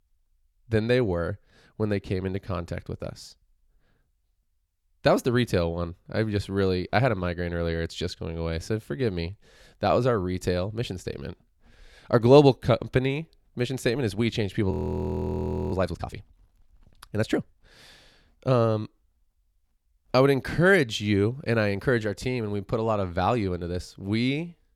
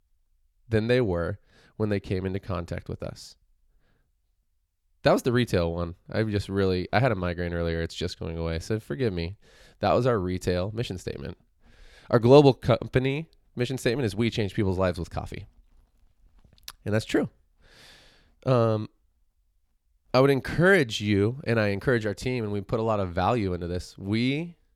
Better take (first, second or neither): second